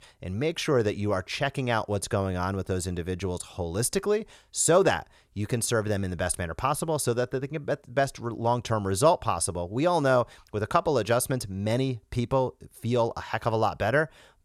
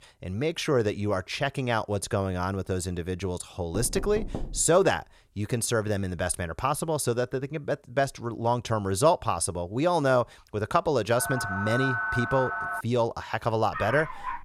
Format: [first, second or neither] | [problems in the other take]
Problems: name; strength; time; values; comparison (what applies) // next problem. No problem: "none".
first | door banging; noticeable; at 3.5 s; peak 9 dB below the speech // phone ringing; noticeable; from 11 to 13 s; peak level with the speech // dog barking; noticeable; at 14 s; peak 6 dB below the speech